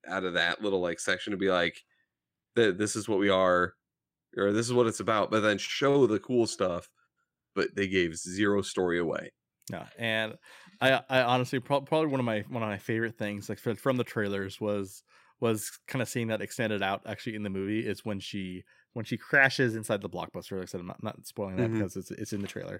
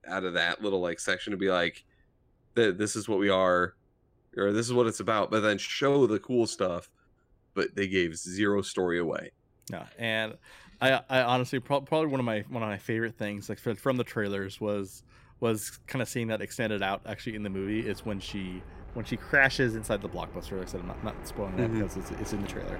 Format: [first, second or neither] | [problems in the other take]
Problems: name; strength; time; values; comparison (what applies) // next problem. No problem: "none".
first | train or aircraft noise; noticeable; throughout; 15 dB below the speech